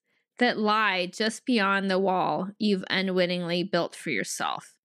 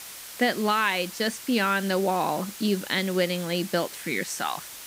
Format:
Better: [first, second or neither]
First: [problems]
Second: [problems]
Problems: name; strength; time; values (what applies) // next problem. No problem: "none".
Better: first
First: none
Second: hiss; noticeable; throughout; 10 dB below the speech